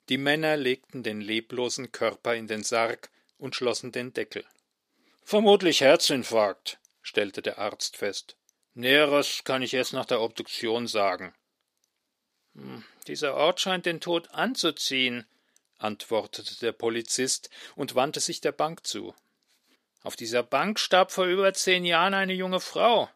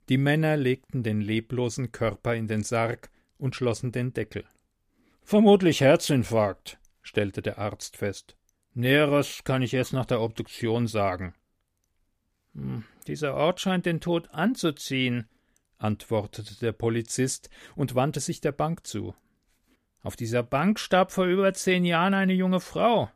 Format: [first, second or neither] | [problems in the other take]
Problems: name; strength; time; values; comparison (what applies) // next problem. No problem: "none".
second | thin; somewhat; fading below 350 Hz